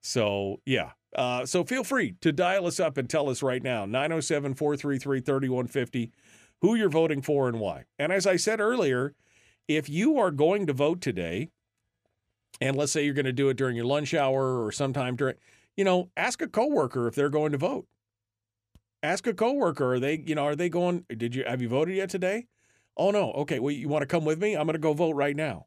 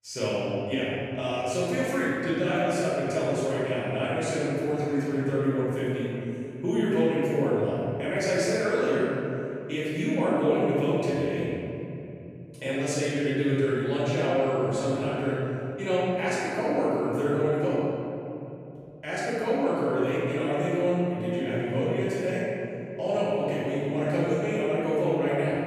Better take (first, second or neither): first